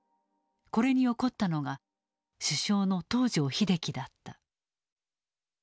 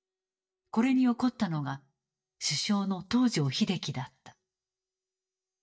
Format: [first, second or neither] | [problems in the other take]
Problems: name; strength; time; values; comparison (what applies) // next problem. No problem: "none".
first | noise reduction (neural mask model DeepFilterNet 3)